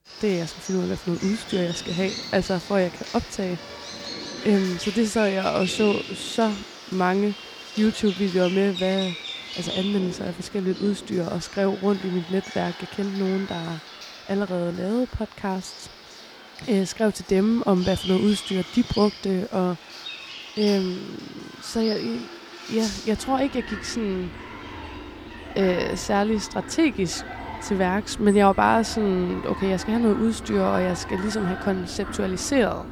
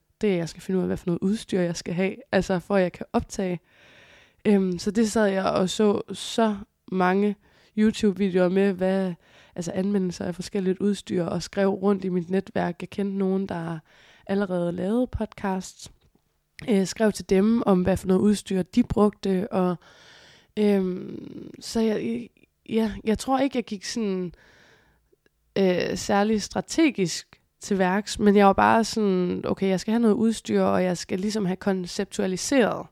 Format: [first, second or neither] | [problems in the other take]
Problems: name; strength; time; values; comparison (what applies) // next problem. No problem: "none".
second | animal sounds; noticeable; throughout; 10 dB below the speech